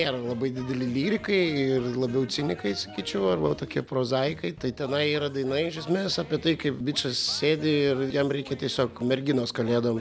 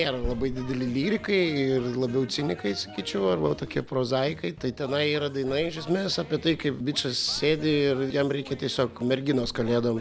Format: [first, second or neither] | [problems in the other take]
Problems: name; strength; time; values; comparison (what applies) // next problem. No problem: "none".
first | background sound (Thump, thud); 18 dB below the speech